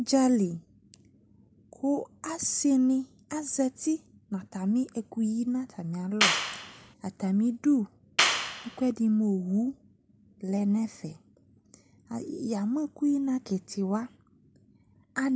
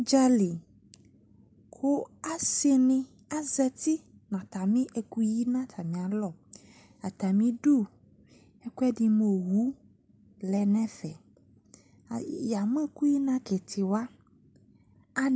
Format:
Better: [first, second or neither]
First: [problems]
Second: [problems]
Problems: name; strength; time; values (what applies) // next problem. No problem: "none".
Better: second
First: background sound (Clapping); 2 dB above the speech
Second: none